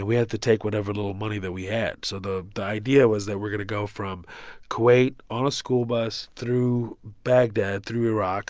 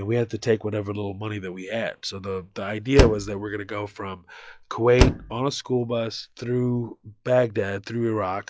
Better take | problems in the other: first | noise reduction (classical method log-MMSE)

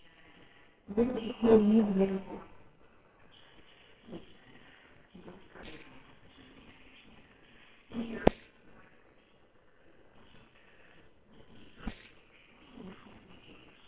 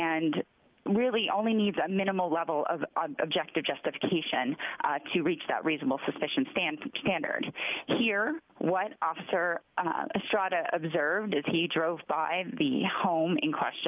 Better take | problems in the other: second | noise reduction (neural separator model SepFormer WHAMR!)

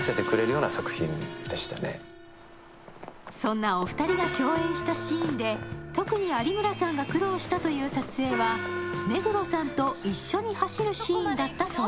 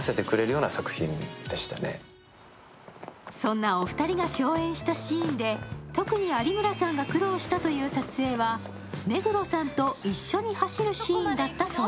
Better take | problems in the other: second | background sound (Gong); 9 dB below the speech

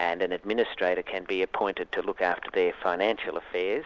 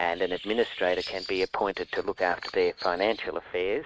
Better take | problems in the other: first | noise reduction (neural mask model RNNoise)

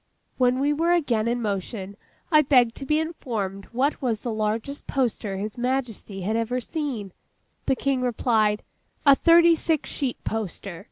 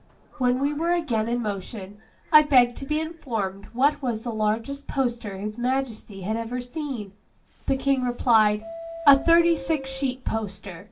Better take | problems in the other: first | background sound (Subway, metro, underground); 20 dB below the speech // room echo; dies away in 0.2 s

